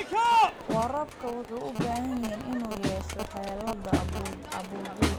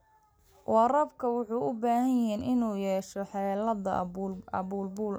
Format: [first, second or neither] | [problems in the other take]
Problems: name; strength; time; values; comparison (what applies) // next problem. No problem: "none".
second | background sound (Crowd); 4 dB above the speech